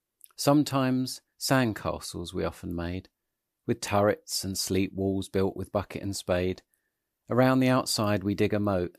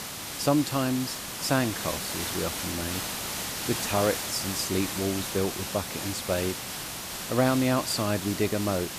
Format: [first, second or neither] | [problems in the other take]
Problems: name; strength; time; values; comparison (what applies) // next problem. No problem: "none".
first | hiss; loud; throughout; 3 dB below the speech